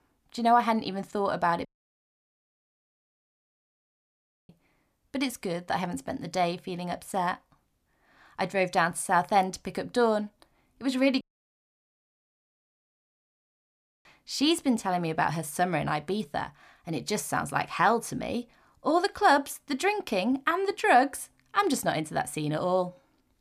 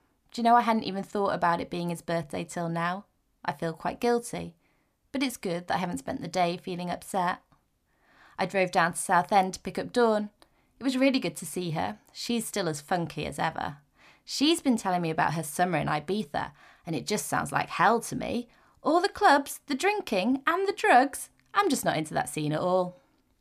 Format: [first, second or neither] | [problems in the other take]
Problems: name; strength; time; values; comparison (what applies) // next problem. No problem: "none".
second | audio cutting out; at 1.5 s for 3 s and at 11 s for 3 s